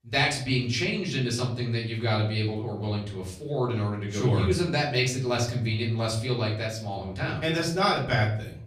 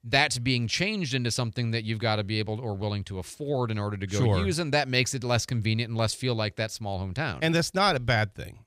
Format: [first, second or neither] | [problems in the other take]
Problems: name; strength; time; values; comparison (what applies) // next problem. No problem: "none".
second | off-mic speech; far // room echo; slight; dies away in 0.5 s